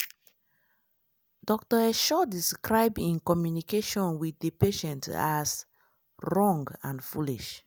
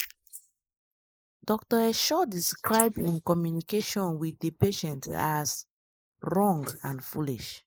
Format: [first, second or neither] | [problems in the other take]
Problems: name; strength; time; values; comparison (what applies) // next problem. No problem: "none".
first | noise reduction (neural mask model Resemble Enhance denoiser)